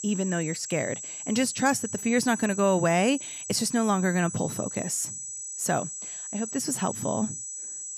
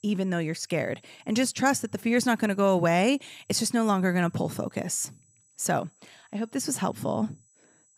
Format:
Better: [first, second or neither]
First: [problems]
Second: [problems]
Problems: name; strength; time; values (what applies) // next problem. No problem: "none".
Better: second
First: high-pitched whine; loud; throughout; 8 kHz, 7 dB below the speech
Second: high-pitched whine; faint; throughout; 8 kHz, 35 dB below the speech